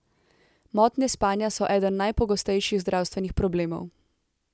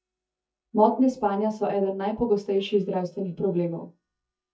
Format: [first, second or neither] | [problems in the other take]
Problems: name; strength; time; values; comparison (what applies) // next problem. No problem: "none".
first | noise reduction (neural mask model DeepFilterNet 3)